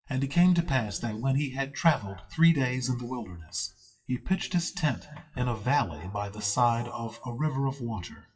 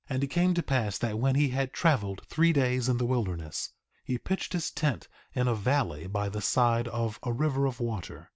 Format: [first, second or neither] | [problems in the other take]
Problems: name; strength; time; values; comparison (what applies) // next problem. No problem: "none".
second | noise reduction (classical method WPE with log-MMSE)